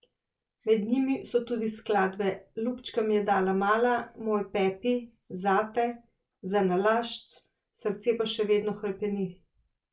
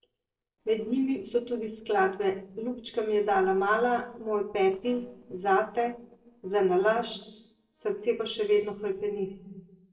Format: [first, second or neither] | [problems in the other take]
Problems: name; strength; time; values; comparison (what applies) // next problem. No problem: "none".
first | noise reduction (neural separator model SepFormer DNS4)